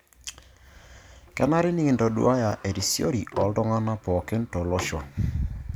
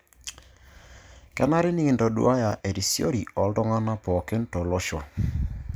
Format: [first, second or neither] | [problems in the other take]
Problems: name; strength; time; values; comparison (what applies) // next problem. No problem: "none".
second | background sound (Sliding door); 19 dB below the speech